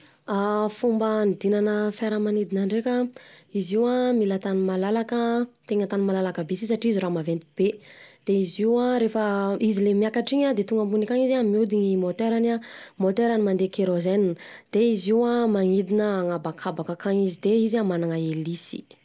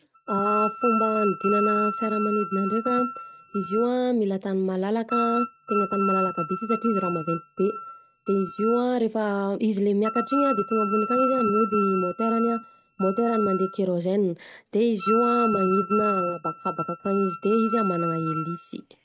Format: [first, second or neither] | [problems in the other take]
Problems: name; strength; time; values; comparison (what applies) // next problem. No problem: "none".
first | noise reduction (neural mask model RNNoise)